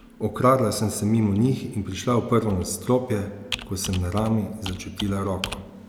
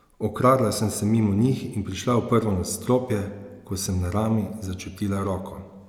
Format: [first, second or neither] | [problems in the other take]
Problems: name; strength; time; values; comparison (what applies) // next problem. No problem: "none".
second | background sound (Computer keyboard); 16 dB below the speech